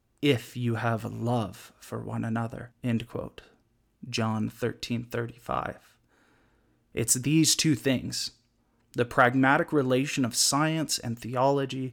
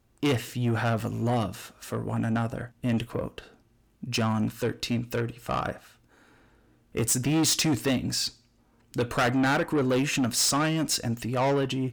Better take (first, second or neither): first